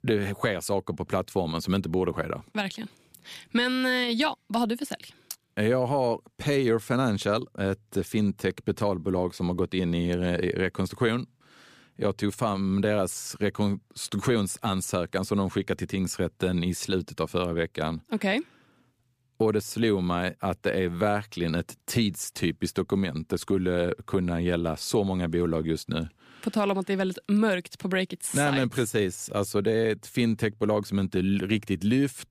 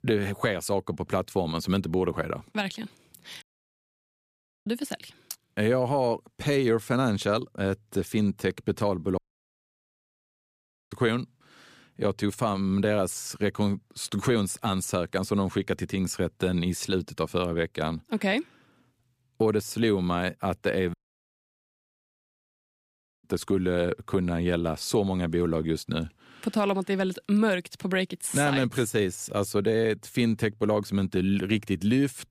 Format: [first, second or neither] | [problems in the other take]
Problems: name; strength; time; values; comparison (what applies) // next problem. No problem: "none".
first | audio cutting out; at 3.5 s for 1 s, at 9 s for 1.5 s and at 21 s for 2.5 s